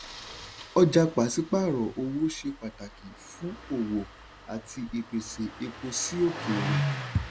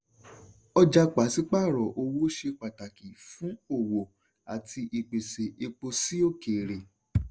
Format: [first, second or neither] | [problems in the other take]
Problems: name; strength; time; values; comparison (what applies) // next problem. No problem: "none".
second | background sound (Engine starting); 8 dB below the speech